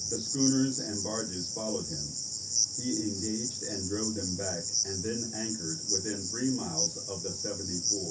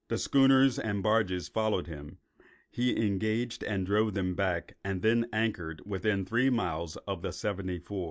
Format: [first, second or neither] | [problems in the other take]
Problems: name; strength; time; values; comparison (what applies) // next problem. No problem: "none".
second | background sound (Cricket); 1 dB above the speech // room echo; dies away in 0.3 s